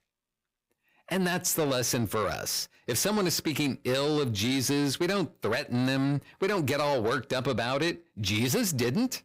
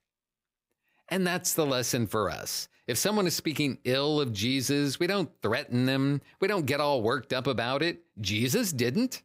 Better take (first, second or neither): second